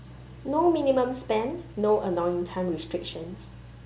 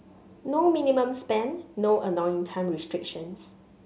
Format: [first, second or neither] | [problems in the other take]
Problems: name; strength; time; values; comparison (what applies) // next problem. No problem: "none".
second | background sound (Engine); 18 dB below the speech